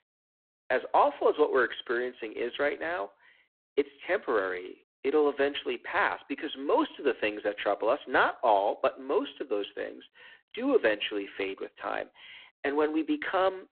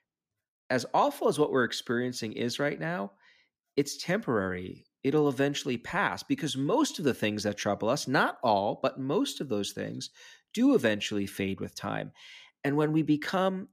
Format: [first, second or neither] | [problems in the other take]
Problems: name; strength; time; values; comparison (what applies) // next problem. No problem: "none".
second | phone-call audio; poor line